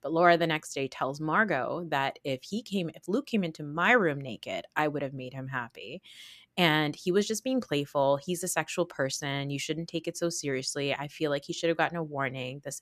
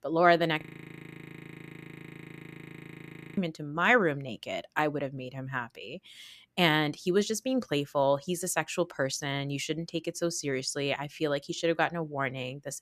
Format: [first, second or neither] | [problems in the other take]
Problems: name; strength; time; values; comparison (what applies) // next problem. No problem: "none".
first | audio freezing; at 0.5 s for 3 s